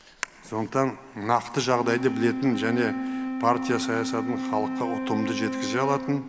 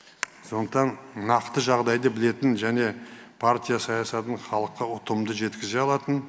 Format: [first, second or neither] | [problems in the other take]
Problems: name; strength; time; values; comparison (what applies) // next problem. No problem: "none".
second | background sound (Wind instrument, woodwind instrument); 5 dB below the speech